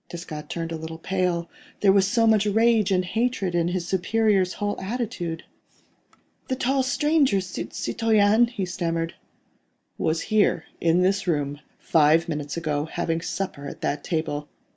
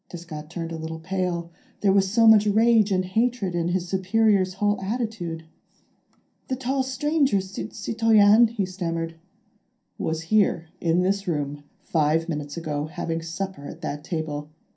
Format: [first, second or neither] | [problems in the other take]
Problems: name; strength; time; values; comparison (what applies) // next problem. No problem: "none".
first | room echo; dies away in 0.3 s